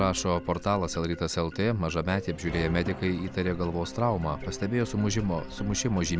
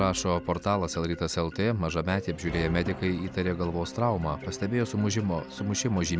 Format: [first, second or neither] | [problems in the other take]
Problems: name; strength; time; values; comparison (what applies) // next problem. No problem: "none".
second | background sound (Wind); 17 dB below the speech